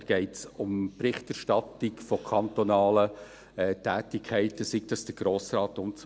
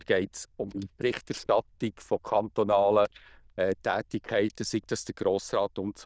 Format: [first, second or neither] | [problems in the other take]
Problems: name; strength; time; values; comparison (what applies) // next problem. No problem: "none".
first | noise reduction (neural diffusion model UNIVERSE++)